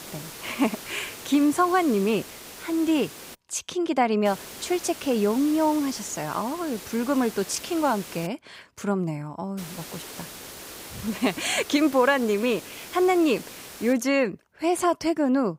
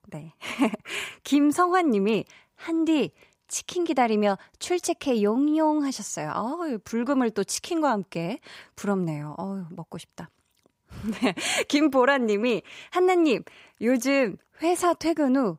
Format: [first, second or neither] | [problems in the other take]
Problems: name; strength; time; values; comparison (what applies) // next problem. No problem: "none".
second | hiss; noticeable; until 3.5 s, from 4.5 to 8.5 s and from 9.5 to 14 s; 15 dB below the speech